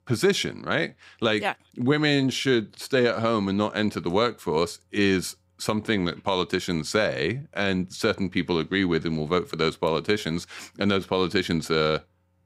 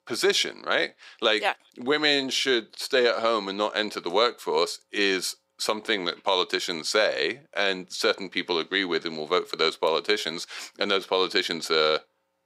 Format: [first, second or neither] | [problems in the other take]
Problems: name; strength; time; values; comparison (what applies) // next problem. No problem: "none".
first | thin; somewhat; fading below 500 Hz